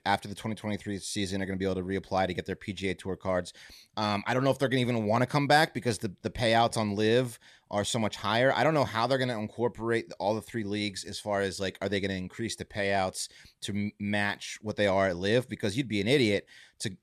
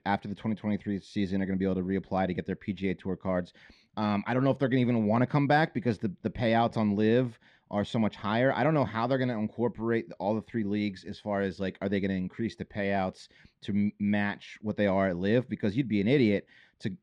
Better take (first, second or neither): first